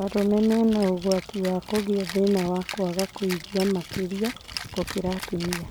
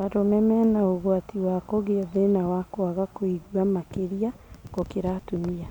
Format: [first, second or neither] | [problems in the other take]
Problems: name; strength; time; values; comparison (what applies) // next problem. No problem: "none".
second | background sound (Rattle (instrument)); 13 dB below the speech